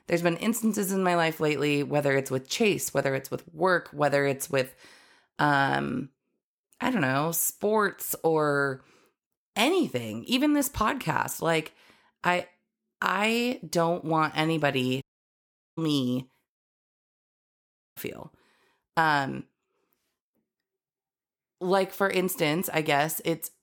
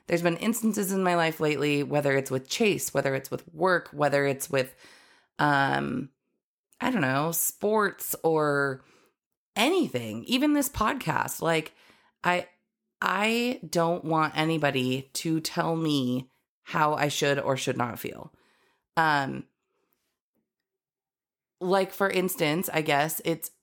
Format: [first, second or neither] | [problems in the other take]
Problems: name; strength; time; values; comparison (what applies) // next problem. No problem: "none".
second | audio cutting out; at 15 s for 1 s and at 17 s for 1.5 s